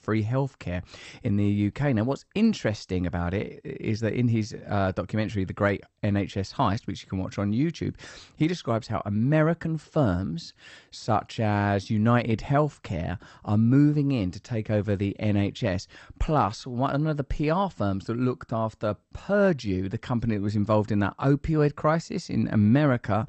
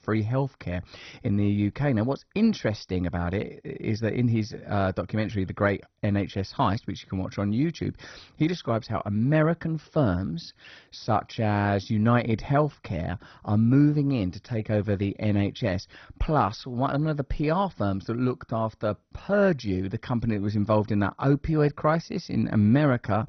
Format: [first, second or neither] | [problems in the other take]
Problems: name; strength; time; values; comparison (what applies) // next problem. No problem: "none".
first | garbled, watery; badly; nothing above 6 kHz; slightly in the first